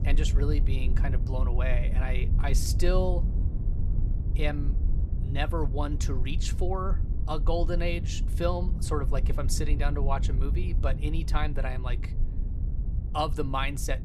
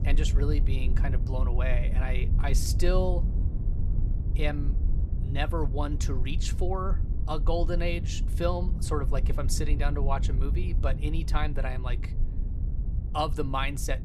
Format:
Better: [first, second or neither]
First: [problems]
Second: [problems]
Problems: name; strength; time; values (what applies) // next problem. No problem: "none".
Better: neither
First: low rumble; noticeable; throughout; 10 dB below the speech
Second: low rumble; noticeable; throughout; 10 dB below the speech